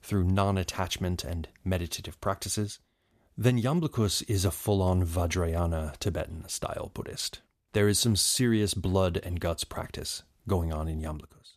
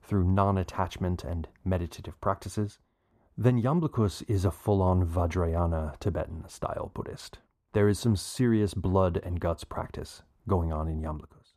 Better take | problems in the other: first | muffled; slightly; fading above 2 kHz

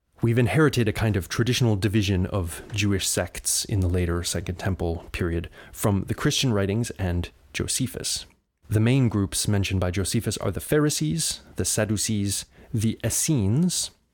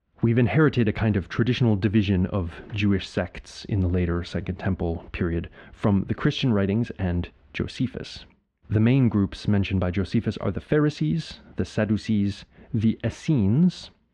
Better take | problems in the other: first | muffled; slightly; fading above 3 kHz

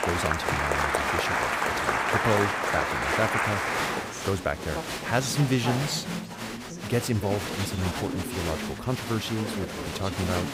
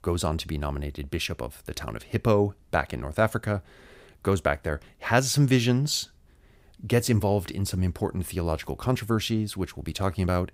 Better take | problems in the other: second | crowd noise; very loud; throughout; 1 dB above the speech

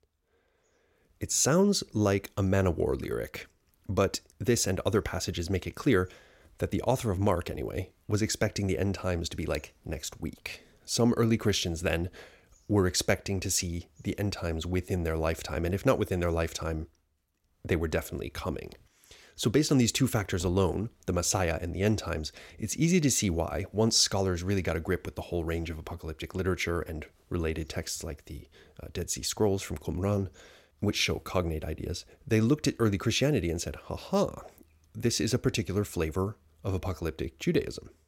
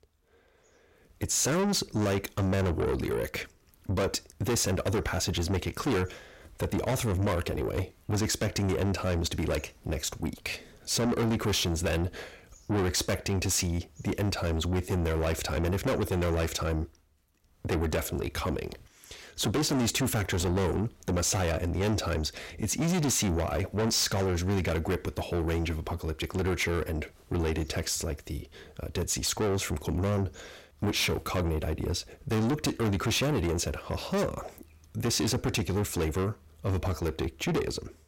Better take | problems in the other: first | distortion; heavy; 6 dB below the speech

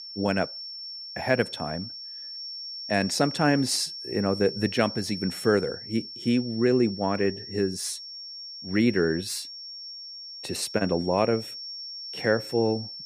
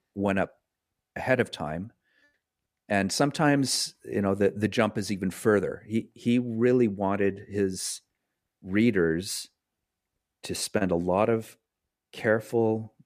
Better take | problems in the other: second | high-pitched whine; loud; throughout; 5.5 kHz, 10 dB below the speech

